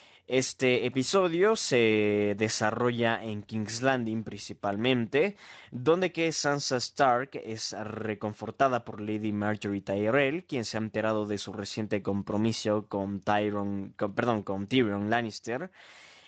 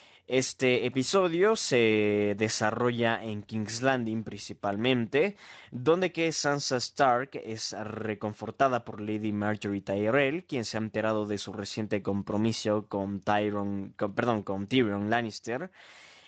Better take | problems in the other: neither | garbled, watery; slightly; nothing above 7.5 kHz; the same in both

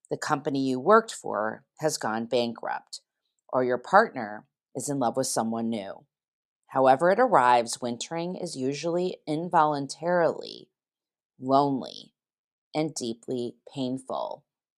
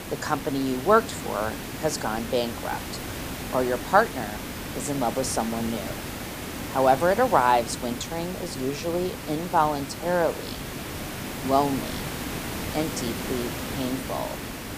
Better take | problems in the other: first | hiss; loud; throughout; 7 dB below the speech

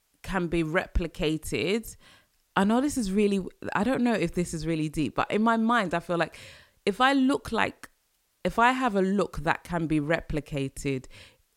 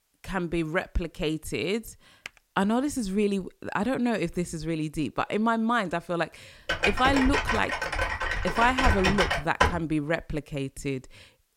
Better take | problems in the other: first | keyboard typing; very faint; at 2.5 s; peak 15 dB below the speech // keyboard typing; loud; from 6.5 to 10 s; peak 4 dB above the speech

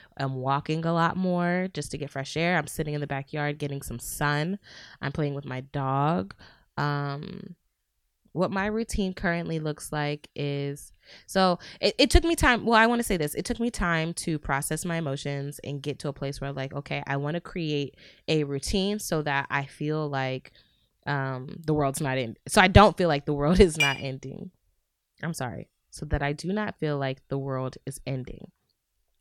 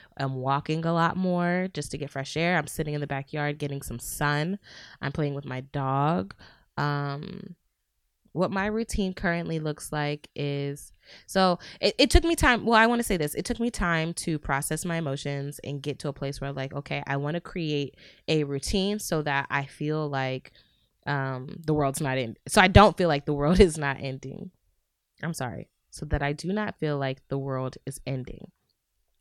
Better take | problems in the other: second | clattering dishes; loud; at 24 s; peak 1 dB above the speech

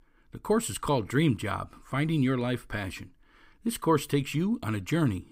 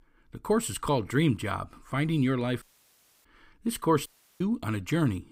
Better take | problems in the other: first | audio cutting out; at 2.5 s for 0.5 s and at 4 s

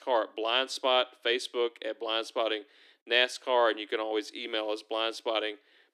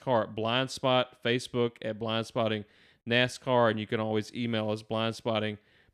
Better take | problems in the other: second | thin; very; fading below 300 Hz

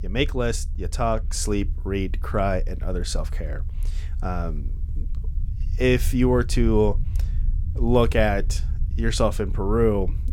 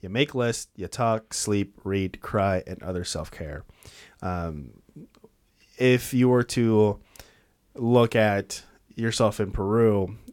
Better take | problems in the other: second | low rumble; faint; throughout; 25 dB below the speech

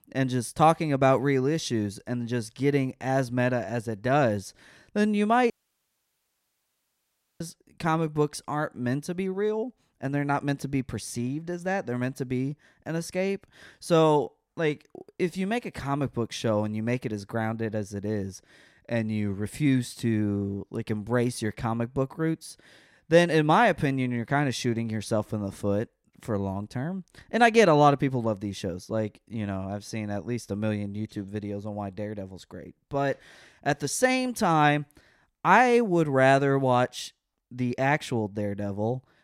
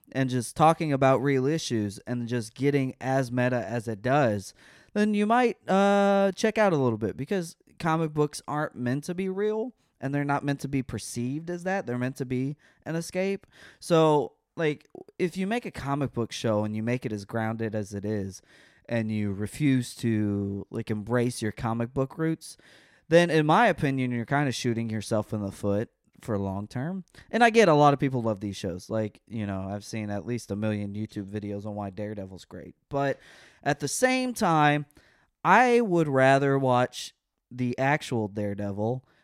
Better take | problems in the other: second | audio cutting out; at 5.5 s for 2 s

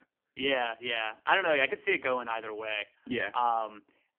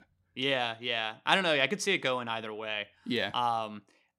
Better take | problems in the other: second | phone-call audio; poor line; nothing above 3 kHz

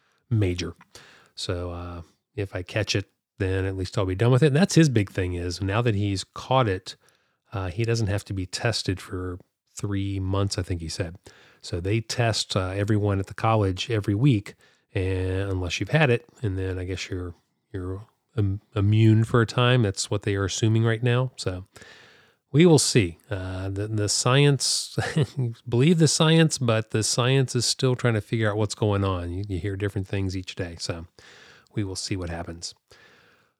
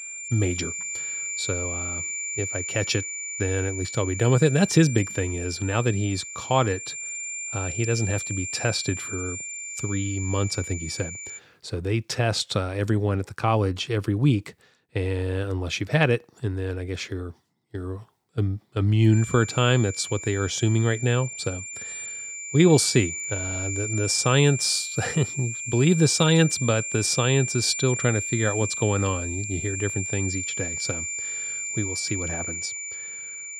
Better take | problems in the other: first | high-pitched whine; loud; until 11 s and from 19 s on; 7 kHz, 6 dB below the speech

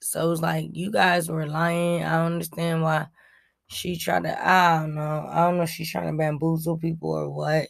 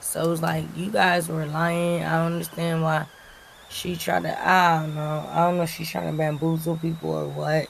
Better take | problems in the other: first | hiss; faint; throughout; 20 dB below the speech

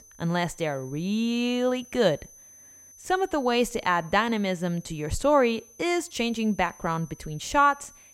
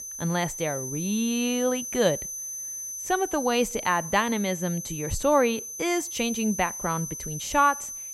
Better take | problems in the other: first | high-pitched whine; loud; throughout; 6 kHz, 7 dB below the speech; faint in the first

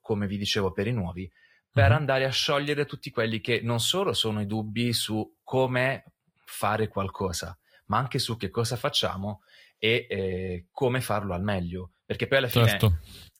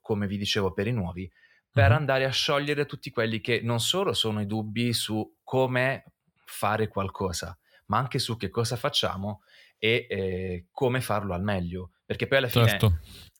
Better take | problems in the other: second | garbled, watery; slightly; nothing above 17 kHz

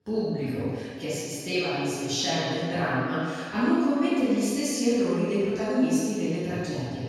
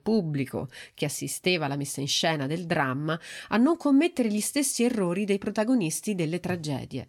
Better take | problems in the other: second | room echo; strong; dies away in 1.8 s // off-mic speech; far

